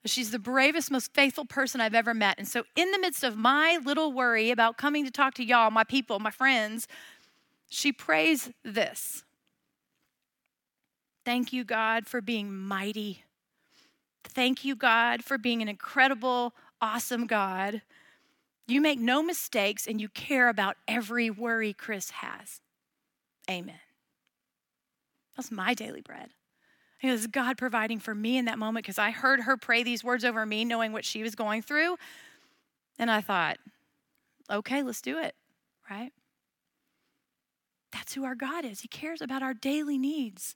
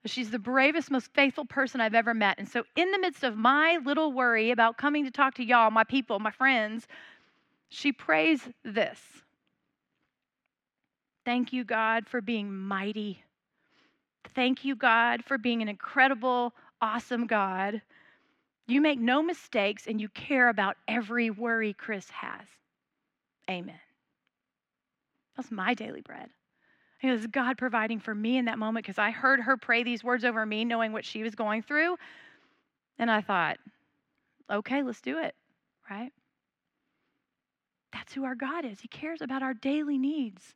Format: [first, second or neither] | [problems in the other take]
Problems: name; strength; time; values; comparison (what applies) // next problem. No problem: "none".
first | muffled; slightly; fading above 2.5 kHz